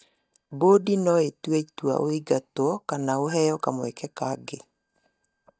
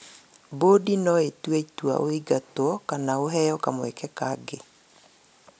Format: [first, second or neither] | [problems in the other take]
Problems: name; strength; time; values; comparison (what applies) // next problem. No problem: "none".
second | noise reduction (neural mask model DeepFilterNet 3)